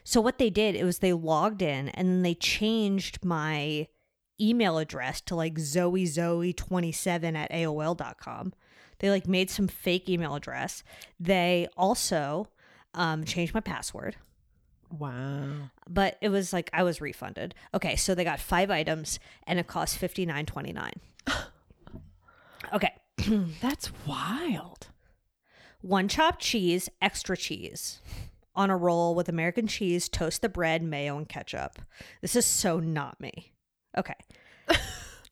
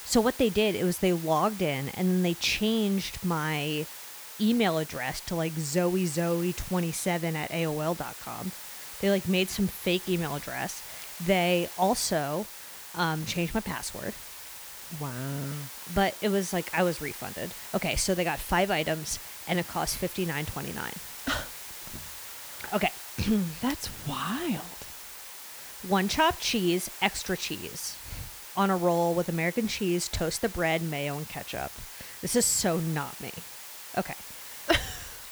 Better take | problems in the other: first | hiss; noticeable; throughout; 10 dB below the speech

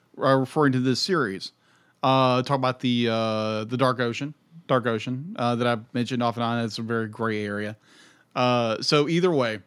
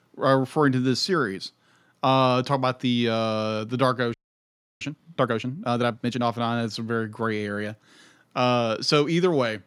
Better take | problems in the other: first | audio freezing; at 4 s for 0.5 s

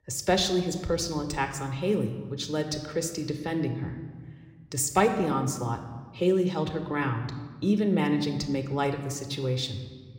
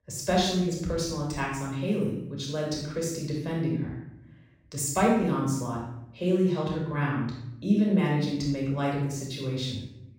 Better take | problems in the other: first | room echo; strong; dies away in 0.7 s; slight in the first // off-mic speech; far

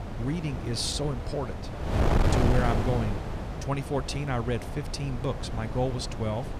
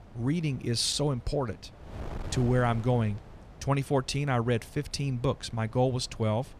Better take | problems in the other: second | wind noise on the microphone; heavy; 2 dB below the speech; occasional gusts in the second

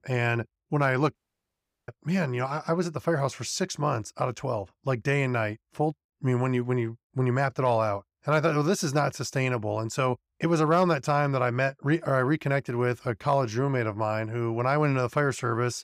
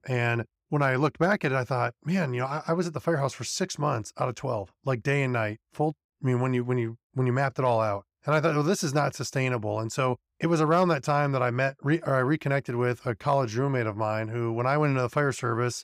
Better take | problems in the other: second | audio cutting out; at 1 s for 0.5 s

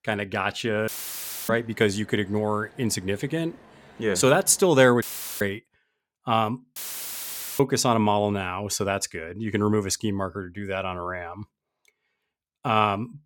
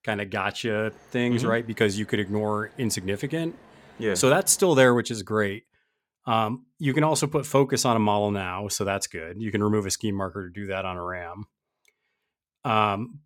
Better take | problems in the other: second | audio cutting out; filled with static; at 1 s for 0.5 s, at 5 s and at 7 s for 1 s

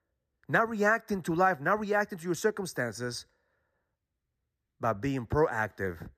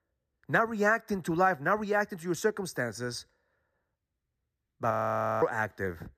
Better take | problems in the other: first | audio freezing; at 5 s for 0.5 s

